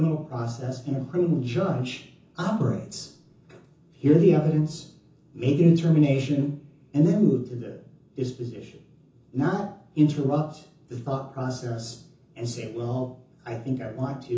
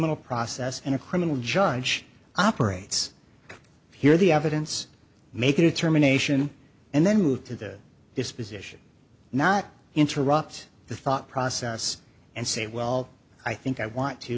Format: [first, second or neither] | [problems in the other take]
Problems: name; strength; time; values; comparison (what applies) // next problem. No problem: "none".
second | room echo; dies away in 0.6 s